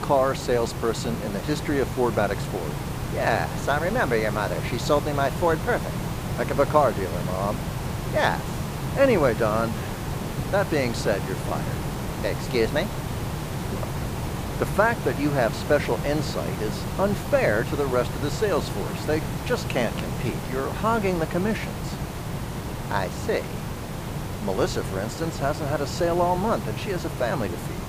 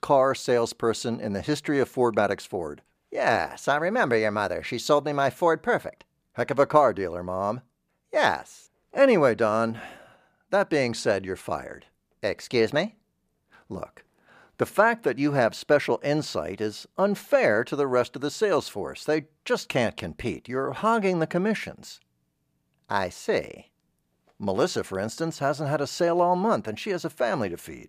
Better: second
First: hiss; loud; throughout; 5 dB below the speech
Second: none

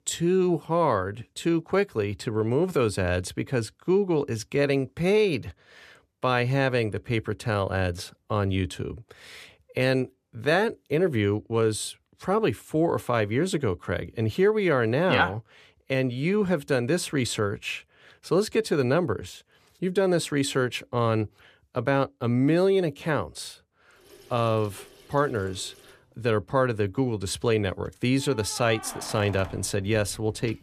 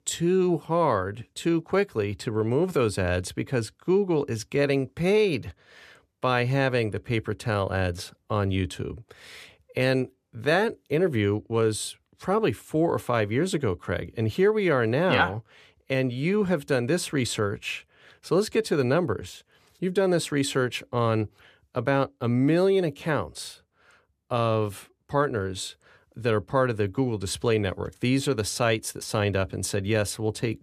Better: second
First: household noises; noticeable; from 24 s on; 20 dB below the speech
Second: none

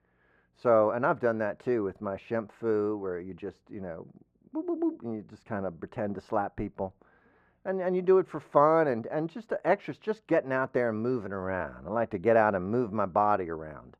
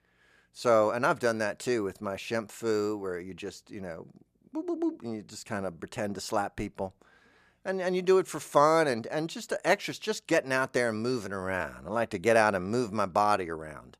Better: second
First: muffled; very; fading above 3 kHz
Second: none

